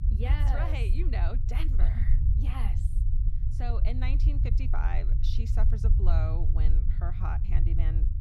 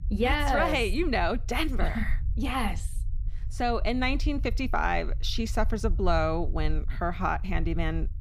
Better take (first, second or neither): second